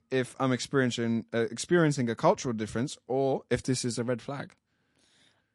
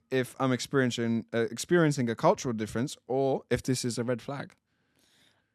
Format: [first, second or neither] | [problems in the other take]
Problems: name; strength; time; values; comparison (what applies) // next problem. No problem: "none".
second | garbled, watery; slightly; nothing above 11 kHz